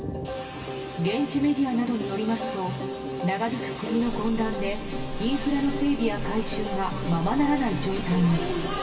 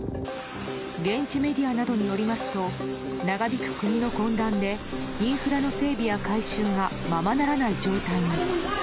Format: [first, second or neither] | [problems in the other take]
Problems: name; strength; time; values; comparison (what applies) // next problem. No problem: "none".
second | room echo; dies away in 2.8 s